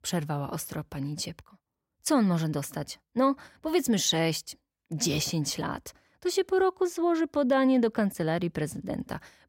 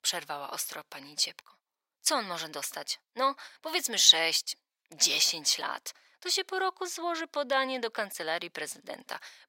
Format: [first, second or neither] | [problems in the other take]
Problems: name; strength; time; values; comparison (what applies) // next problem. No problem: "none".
first | thin; very; fading below 750 Hz